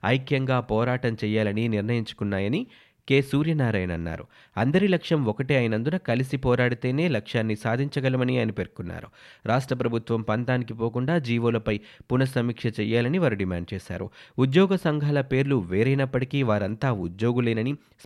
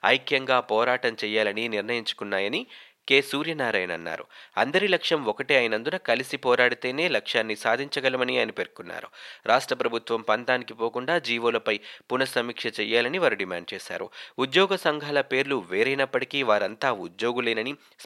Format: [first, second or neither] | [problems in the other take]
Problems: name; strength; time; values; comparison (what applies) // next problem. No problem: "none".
first | thin; very; fading below 550 Hz